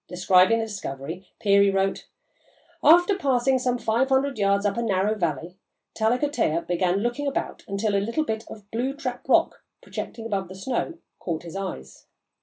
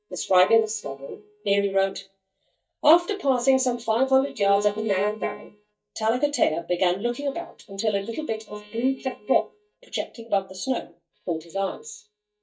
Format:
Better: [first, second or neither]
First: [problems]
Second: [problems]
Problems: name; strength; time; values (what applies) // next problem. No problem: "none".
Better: first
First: none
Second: noise reduction (neural mask model DeepFilterNet 3)